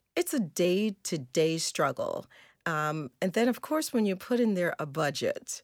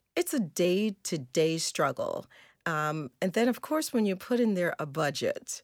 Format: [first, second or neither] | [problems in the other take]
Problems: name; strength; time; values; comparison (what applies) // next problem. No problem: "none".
neither | none